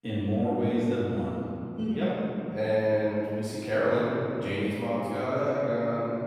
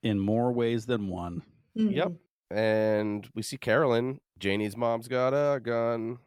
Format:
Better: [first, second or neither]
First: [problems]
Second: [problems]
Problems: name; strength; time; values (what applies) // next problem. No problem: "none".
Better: second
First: room echo; strong; dies away in 2.8 s // off-mic speech; far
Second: none